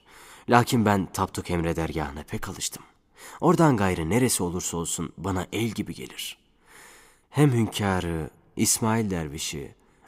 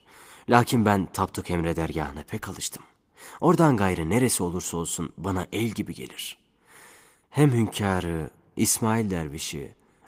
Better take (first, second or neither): first